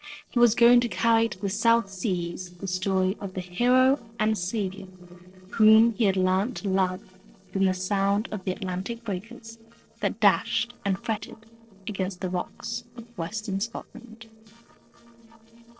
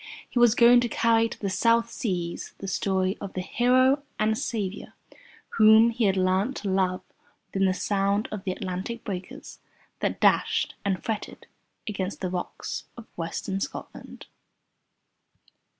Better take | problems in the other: second | noise reduction (neural separator model SepFormer DNS4)

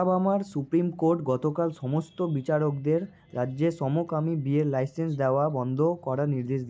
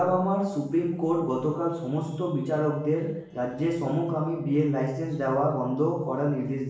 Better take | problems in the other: first | room echo; dies away in 0.7 s

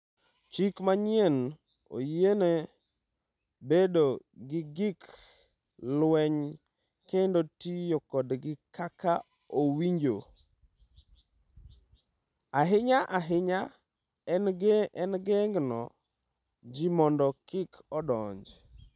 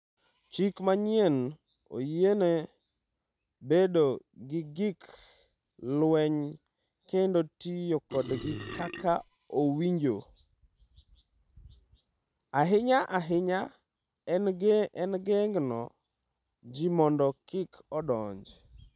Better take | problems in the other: first | background sound (Burping, eructation); 10 dB below the speech

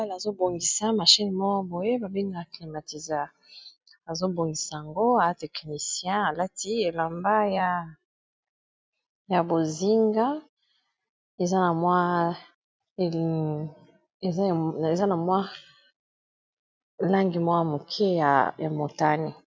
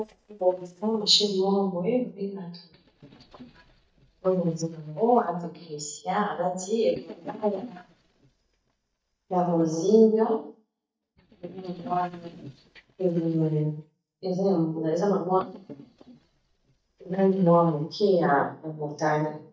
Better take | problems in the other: first | noise reduction (neural mask model DeepFilterNet 3)

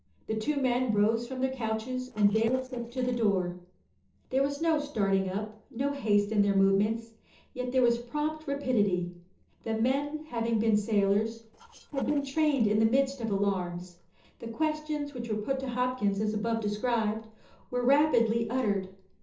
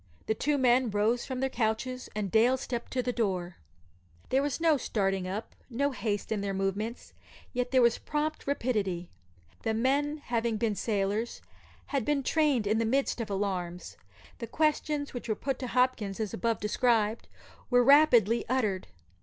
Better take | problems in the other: second | noise reduction (neural separator model SepFormer DNS4)

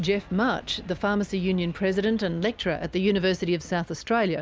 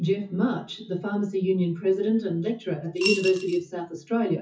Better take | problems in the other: first | noise reduction (classical method WPE with log-MMSE)

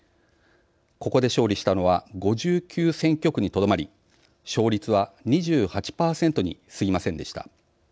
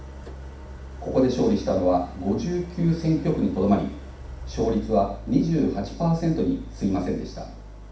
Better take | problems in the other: first | background sound (Idling); 13 dB below the speech // room echo; dies away in 0.6 s

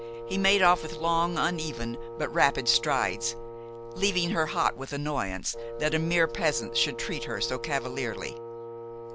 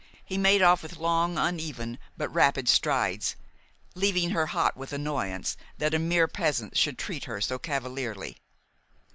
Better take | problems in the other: second | background sound (Wind instrument, woodwind instrument); 10 dB below the speech

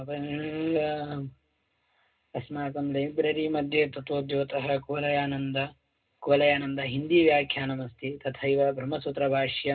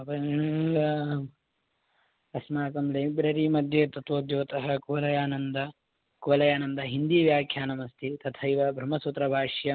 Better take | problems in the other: second | room echo; dies away in 0.2 s

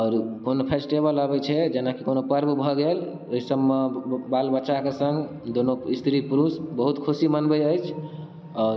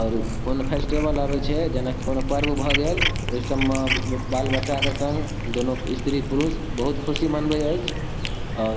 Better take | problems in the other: first | background sound (Cat); as loud as the speech

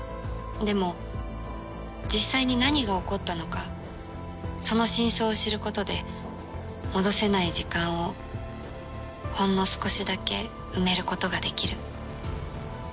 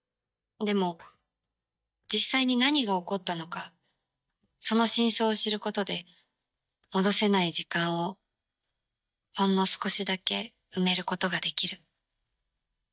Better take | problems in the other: first | noise reduction (neural mask model DeepFilterNet 3)

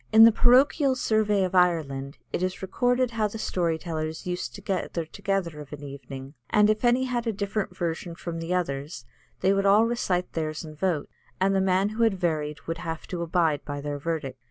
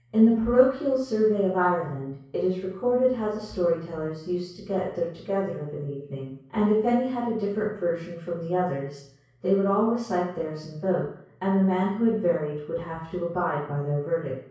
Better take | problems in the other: first | room echo; dies away in 0.6 s

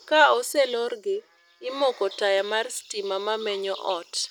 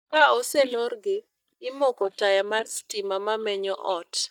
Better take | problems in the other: first | noise reduction (neural mask model DeepFilterNet 3)

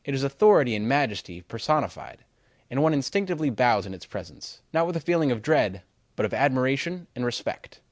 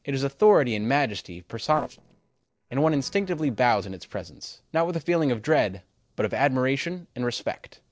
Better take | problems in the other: first | noise reduction (neural separator model SepFormer DNS4)

